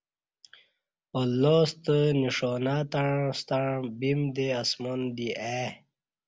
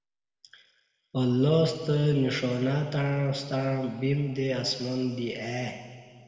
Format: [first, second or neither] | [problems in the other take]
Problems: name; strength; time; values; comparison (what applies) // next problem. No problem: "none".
first | room echo; dies away in 2.4 s